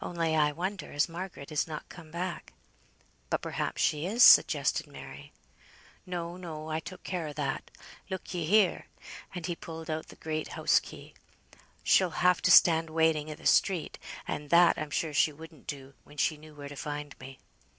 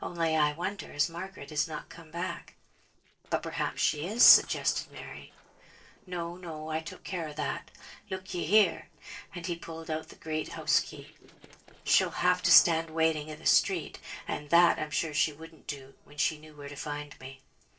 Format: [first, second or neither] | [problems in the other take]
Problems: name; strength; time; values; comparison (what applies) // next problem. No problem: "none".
first | noise reduction (neural separator model SepFormer DNS4)